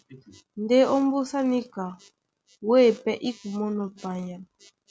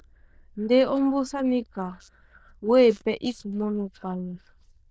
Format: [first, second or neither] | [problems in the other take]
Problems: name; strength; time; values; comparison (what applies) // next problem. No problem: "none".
first | noise reduction (neural diffusion model UNIVERSE++)